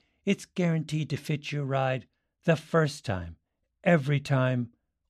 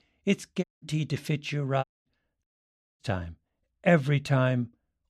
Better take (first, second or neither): first